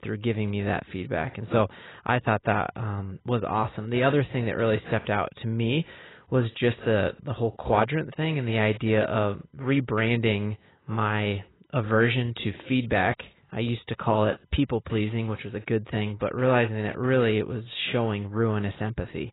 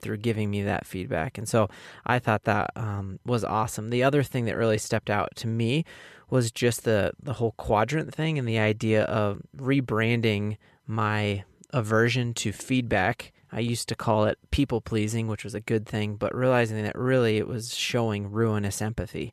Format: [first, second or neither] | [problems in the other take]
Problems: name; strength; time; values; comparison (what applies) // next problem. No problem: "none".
second | garbled, watery; badly; nothing above 4 kHz